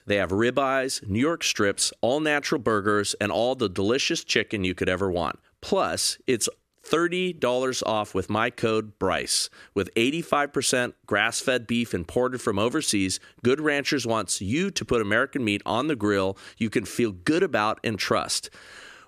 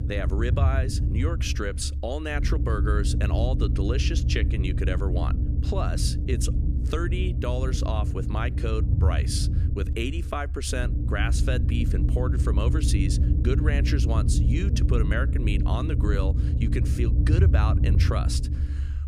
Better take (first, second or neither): first